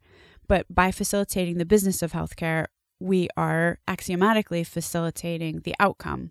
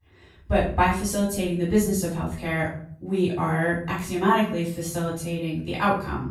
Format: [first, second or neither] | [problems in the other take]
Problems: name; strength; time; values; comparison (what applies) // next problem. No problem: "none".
first | off-mic speech; far // room echo; noticeable; dies away in 0.5 s